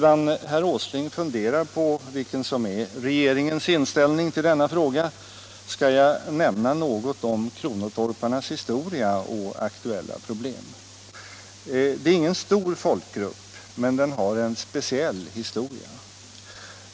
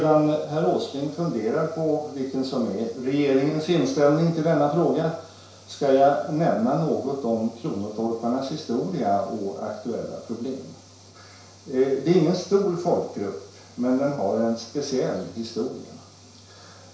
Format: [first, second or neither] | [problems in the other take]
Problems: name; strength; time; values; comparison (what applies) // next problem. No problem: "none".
first | room echo; dies away in 0.6 s